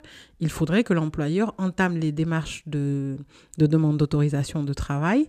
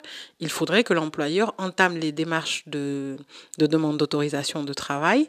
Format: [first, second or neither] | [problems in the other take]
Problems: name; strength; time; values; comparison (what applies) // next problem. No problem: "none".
first | thin; somewhat; fading below 350 Hz